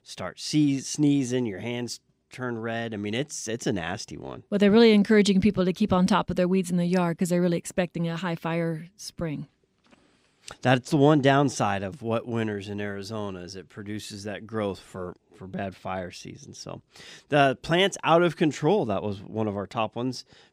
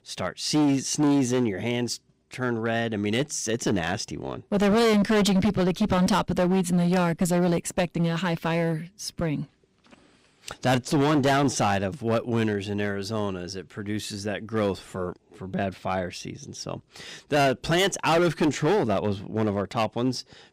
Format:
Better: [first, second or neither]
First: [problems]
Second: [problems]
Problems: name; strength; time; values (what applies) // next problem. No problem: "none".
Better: first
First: none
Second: distortion; heavy; 11% of the sound clipped